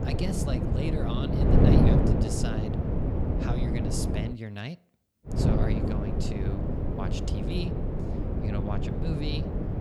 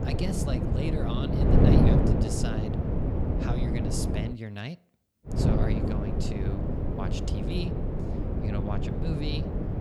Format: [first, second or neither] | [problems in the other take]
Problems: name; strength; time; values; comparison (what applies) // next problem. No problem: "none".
neither | wind noise on the microphone; heavy; until 4 s and from 5.5 s on; 5 dB above the speech; the same in both